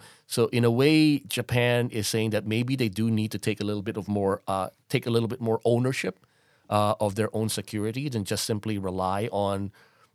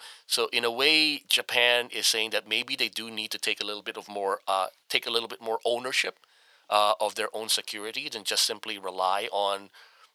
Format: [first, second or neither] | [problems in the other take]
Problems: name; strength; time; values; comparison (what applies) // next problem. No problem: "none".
first | thin; very; fading below 750 Hz